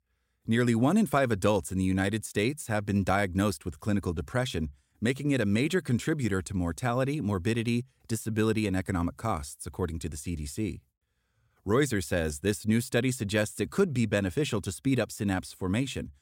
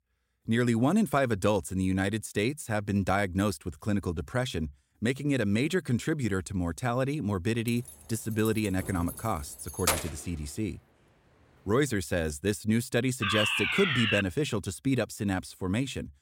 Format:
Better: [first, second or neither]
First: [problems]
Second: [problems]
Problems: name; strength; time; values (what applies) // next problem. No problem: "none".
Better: first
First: none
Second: jangling keys; loud; from 7.5 to 10 s; peak 1 dB above the speech // alarm; loud; from 13 to 14 s; peak 3 dB above the speech